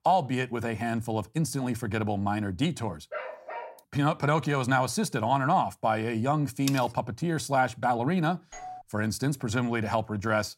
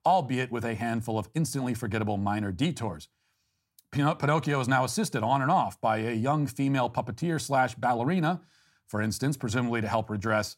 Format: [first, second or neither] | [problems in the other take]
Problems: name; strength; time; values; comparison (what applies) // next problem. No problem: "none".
second | dog barking; noticeable; at 3 s; peak 10 dB below the speech // clattering dishes; noticeable; at 6.5 s; peak 8 dB below the speech // doorbell; faint; at 8.5 s; peak 15 dB below the speech